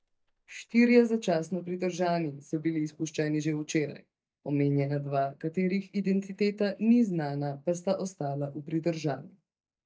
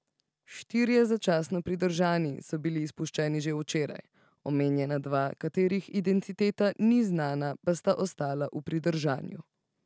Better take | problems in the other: second | noise reduction (neural mask model DeepFilterNet 3)

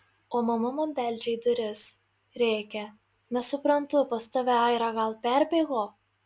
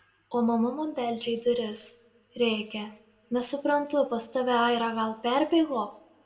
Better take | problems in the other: first | room echo; dies away in 0.6 s

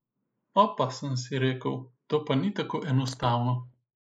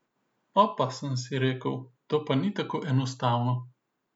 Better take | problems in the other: second | noise reduction (neural mask model Resemble Enhance denoiser)

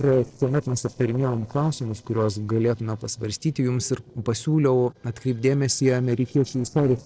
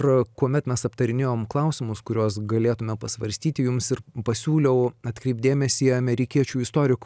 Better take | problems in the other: second | noise reduction (neural separator model SepFormer DNS4)

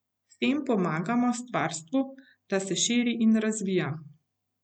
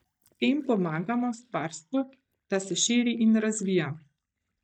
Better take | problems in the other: first | noise reduction (neural mask model DeepFilterNet 3)

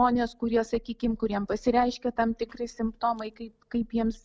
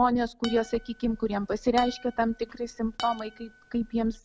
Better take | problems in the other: first | background sound (Acoustic guitar); 17 dB below the speech

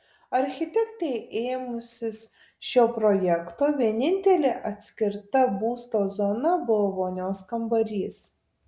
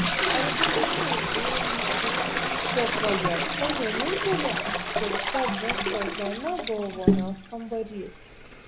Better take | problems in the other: first | background sound (Toilet flush); 5 dB above the speech

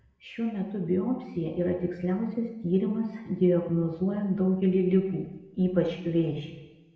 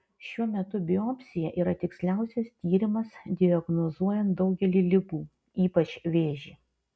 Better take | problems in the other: second | room echo; dies away in 1 s

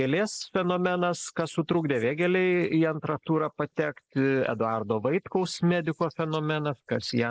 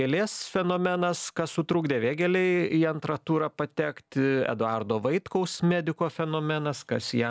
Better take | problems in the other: second | noise reduction (neural mask model Resemble Enhance denoiser)

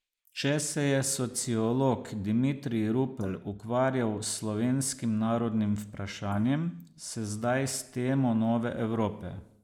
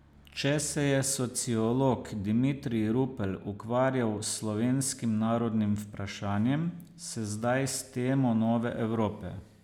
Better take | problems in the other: second | noise reduction (neural mask model Resemble Enhance denoiser)

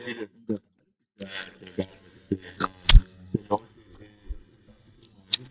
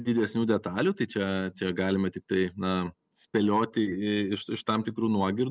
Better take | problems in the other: second | noise reduction (neural mask model DeepFilterNet 3)

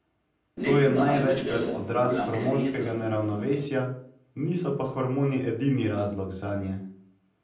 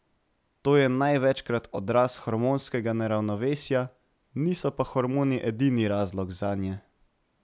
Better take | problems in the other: second | background sound (Train); 3 dB below the speech // room echo; dies away in 0.6 s

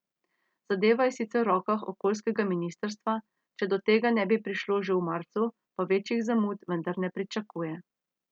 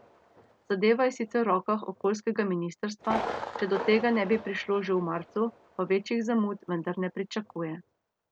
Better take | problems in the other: first | background sound (Thunder); 13 dB below the speech

